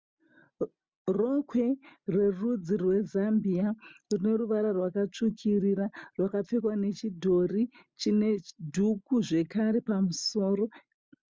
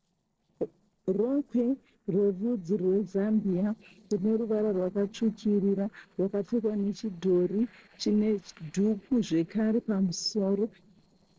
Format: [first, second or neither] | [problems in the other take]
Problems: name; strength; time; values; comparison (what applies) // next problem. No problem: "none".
first | noise reduction (neural separator model SepFormer DNS4)